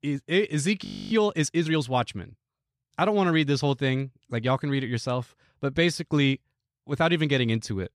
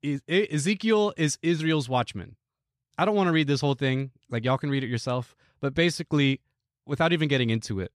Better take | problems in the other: second | audio freezing; at 1 s

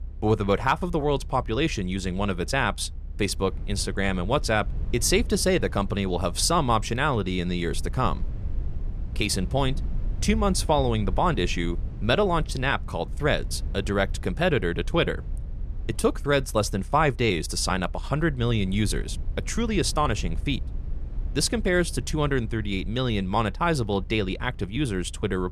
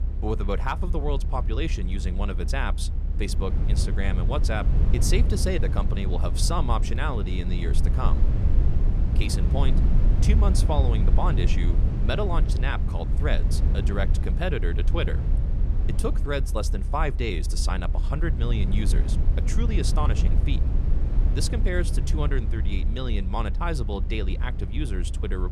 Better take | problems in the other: first | low rumble; loud; throughout; 8 dB below the speech; faint in the first

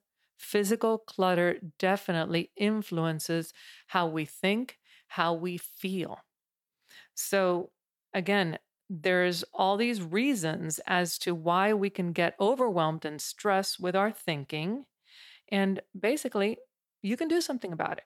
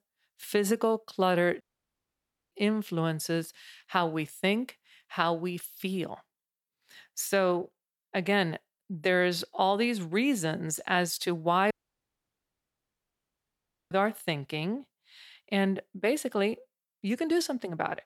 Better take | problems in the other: first | audio cutting out; at 1.5 s for 1 s and at 12 s for 2 s

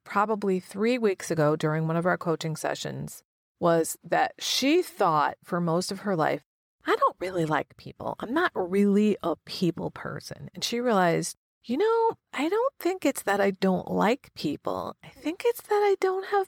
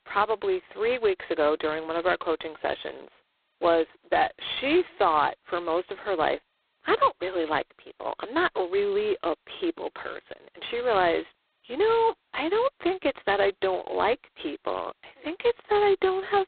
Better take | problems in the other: first | phone-call audio; poor line; nothing above 4 kHz

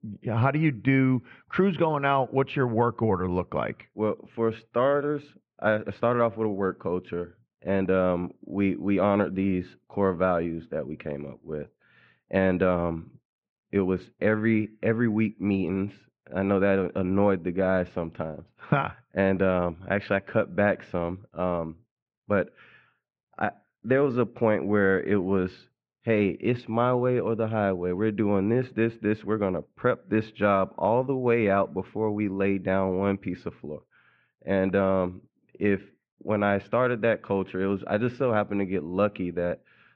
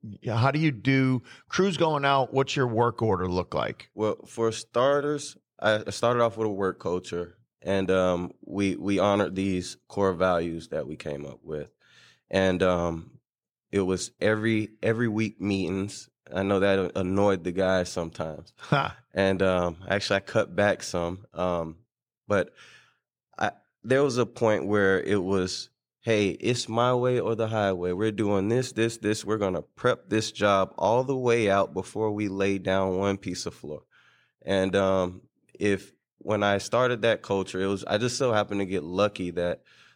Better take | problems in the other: second | muffled; very; fading above 2.5 kHz

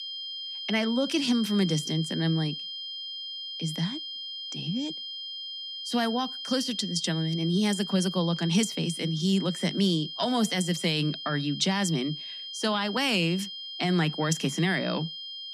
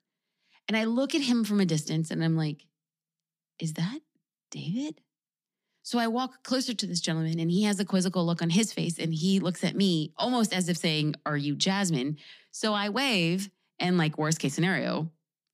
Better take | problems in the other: second | high-pitched whine; loud; throughout; 3 kHz, 7 dB below the speech

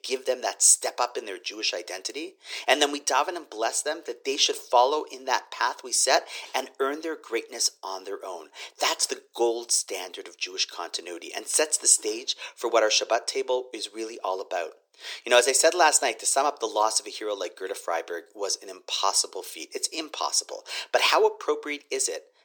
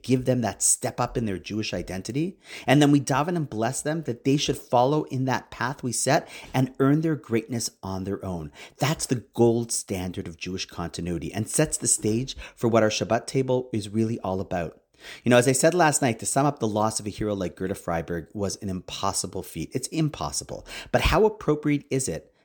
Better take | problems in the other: second | thin; very; fading below 400 Hz

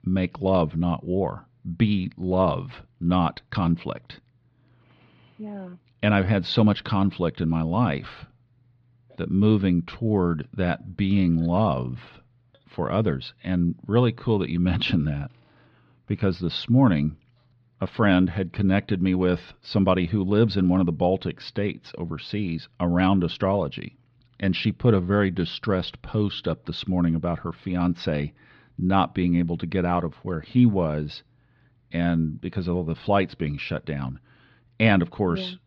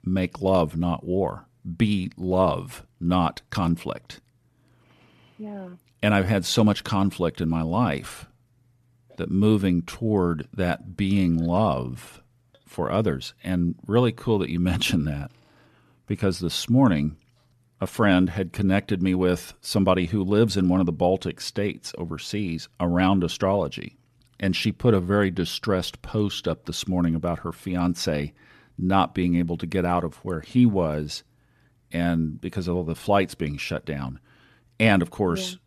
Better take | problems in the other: second | muffled; very slightly; fading above 4 kHz

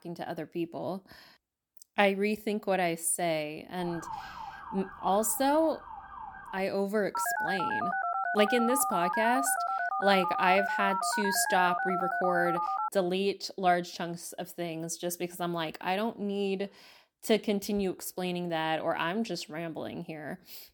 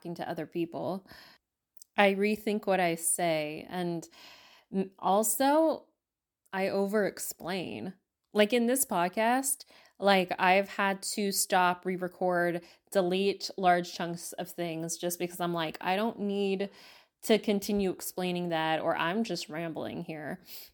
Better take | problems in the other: second | siren; faint; from 4 to 6.5 s; peak 10 dB below the speech // phone ringing; loud; from 7 to 13 s; peak level with the speech

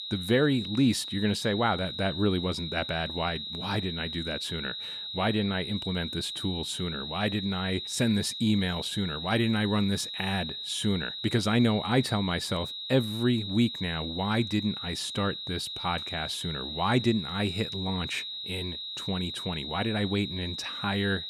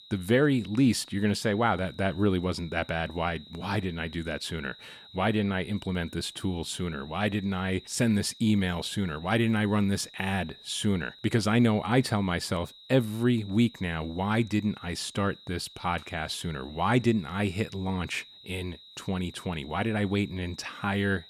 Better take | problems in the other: second | high-pitched whine; loud; throughout; 4 kHz, 5 dB below the speech; faint in the second

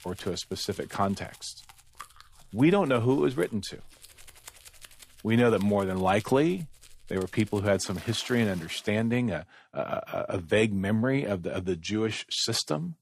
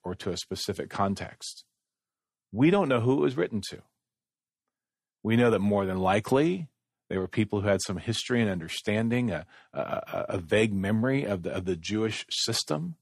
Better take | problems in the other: second | household noises; faint; until 9 s; 20 dB below the speech

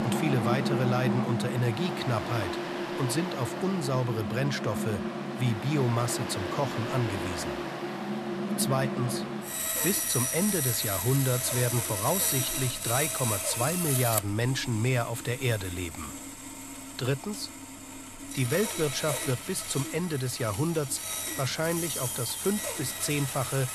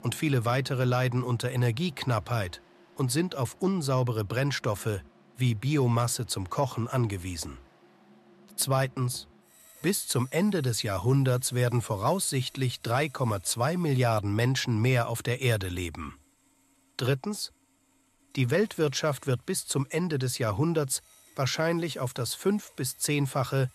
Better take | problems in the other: second | machinery noise; loud; throughout; 2 dB below the speech; faint in the second

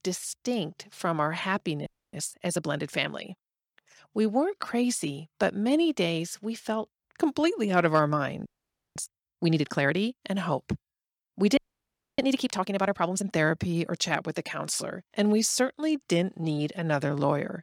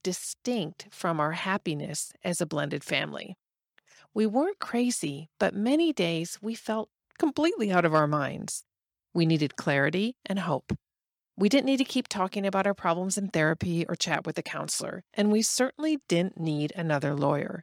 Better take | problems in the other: second | audio freezing; at 2 s, at 8.5 s for 0.5 s and at 12 s for 0.5 s

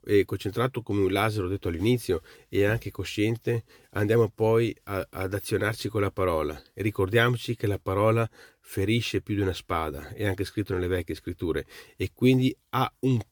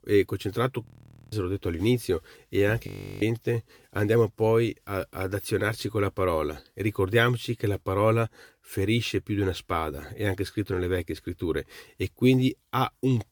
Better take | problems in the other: first | audio freezing; at 1 s and at 3 s

